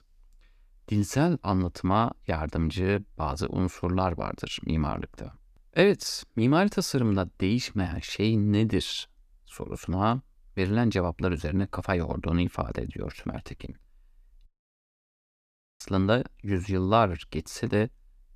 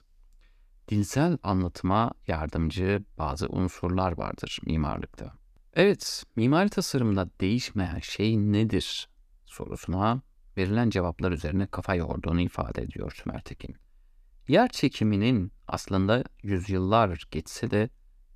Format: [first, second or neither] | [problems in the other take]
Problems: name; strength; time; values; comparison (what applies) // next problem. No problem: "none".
second | audio cutting out; at 14 s for 1.5 s